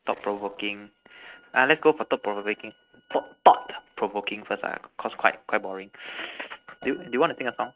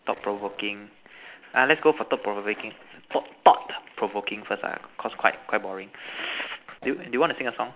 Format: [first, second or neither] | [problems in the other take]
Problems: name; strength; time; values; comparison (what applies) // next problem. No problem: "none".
second | noise reduction (neural mask model RNNoise)